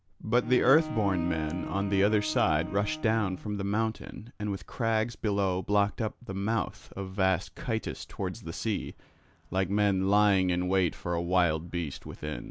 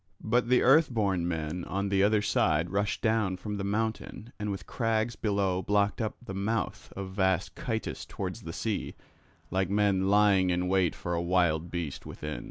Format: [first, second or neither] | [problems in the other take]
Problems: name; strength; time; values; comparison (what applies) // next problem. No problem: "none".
second | background sound (Bowed string instrument); 11 dB below the speech